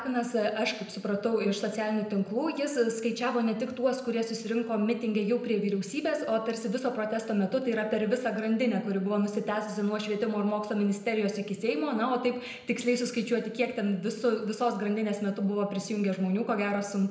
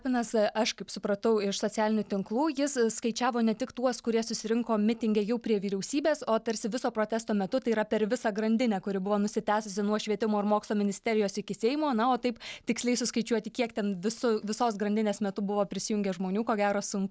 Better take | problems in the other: second | room echo; dies away in 0.7 s

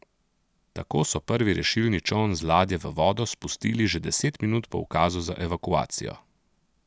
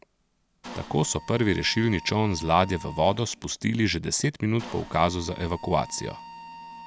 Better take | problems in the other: first | background sound (Mechanisms); 18 dB below the speech

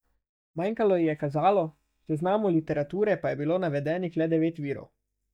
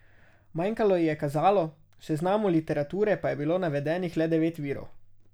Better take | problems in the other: second | noise reduction (neural mask model DeepFilterNet 3)

